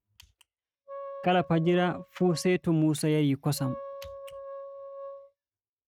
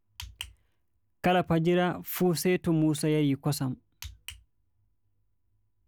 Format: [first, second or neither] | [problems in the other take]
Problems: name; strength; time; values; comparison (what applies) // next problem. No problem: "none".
second | noise reduction (neural mask model RNNoise)